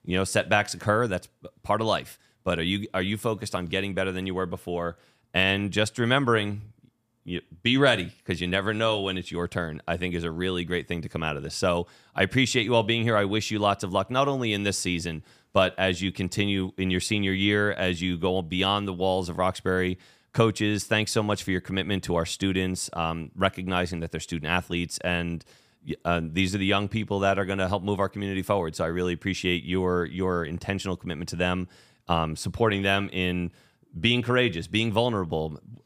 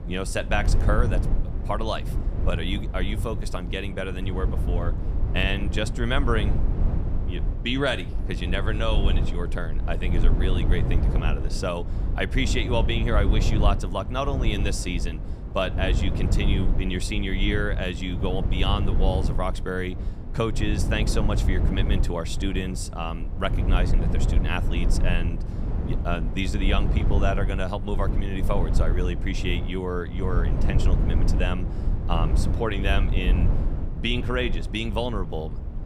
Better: first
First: none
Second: low rumble; loud; throughout; 9 dB below the speech

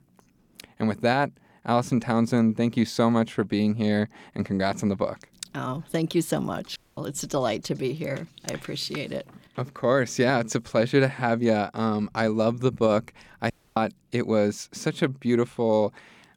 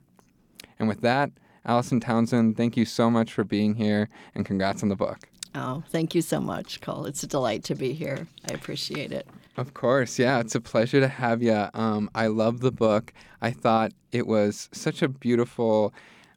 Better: second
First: audio cutting out; at 7 s and at 14 s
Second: none

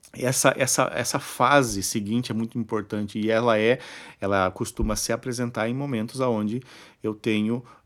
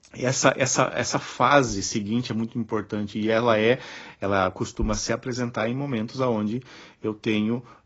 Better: first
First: none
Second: garbled, watery; badly; nothing above 7 kHz

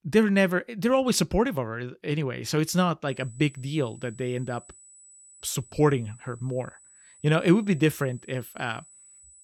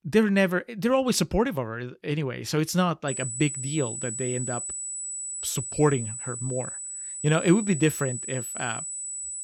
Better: first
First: high-pitched whine; faint; from 3 s on; 8 kHz, 25 dB below the speech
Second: high-pitched whine; loud; from 3 s on; 8 kHz, 5 dB below the speech

